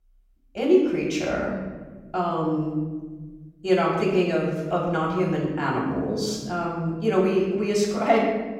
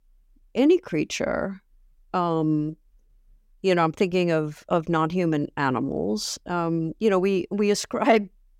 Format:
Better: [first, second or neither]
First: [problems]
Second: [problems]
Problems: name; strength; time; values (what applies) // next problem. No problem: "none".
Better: second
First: room echo; noticeable; dies away in 1.3 s // off-mic speech; far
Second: none